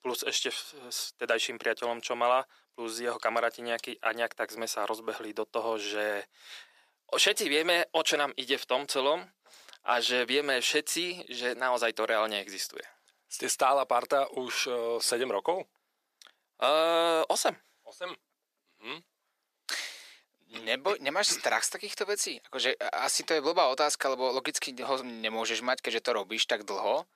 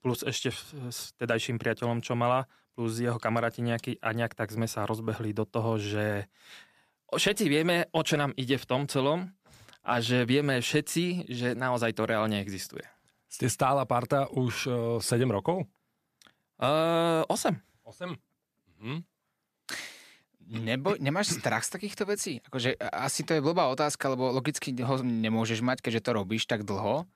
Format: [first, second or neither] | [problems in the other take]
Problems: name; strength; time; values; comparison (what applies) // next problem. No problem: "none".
second | thin; very; fading below 400 Hz